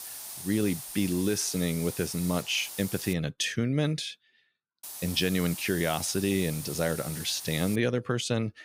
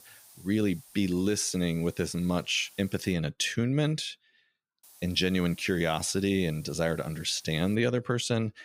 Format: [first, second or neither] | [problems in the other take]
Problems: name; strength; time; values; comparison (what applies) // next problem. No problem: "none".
second | hiss; loud; until 3 s and from 5 to 8 s; 9 dB below the speech; faint in the second